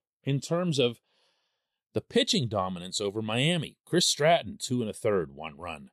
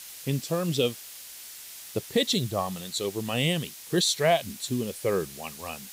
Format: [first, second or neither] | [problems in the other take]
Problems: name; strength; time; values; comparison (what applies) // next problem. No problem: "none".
first | hiss; noticeable; throughout; 15 dB below the speech